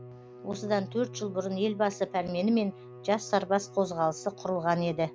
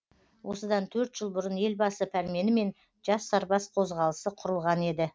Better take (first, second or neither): second